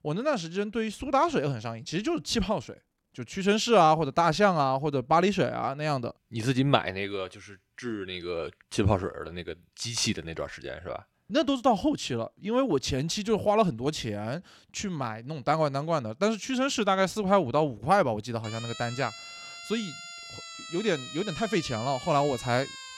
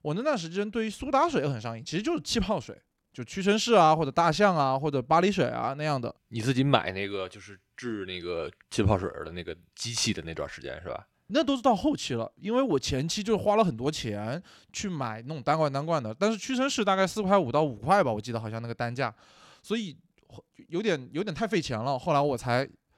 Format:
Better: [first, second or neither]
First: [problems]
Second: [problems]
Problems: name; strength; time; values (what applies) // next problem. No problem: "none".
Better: second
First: siren; faint; from 18 s on; peak 10 dB below the speech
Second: none